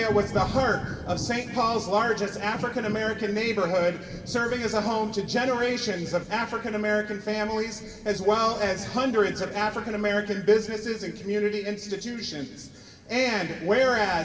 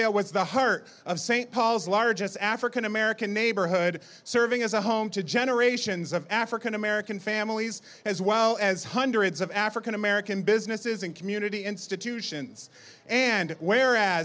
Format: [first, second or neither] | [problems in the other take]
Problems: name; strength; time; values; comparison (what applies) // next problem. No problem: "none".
second | background sound (Thunder); 14 dB below the speech // room echo; dies away in 2.4 s